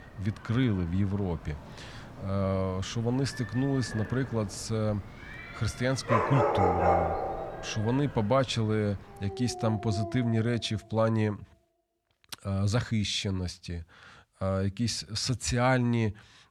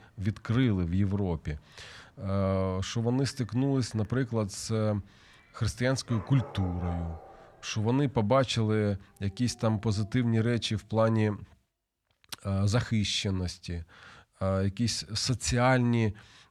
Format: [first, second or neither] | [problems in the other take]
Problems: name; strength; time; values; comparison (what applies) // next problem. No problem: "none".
second | animal sounds; loud; until 10 s; 3 dB below the speech; faint in the second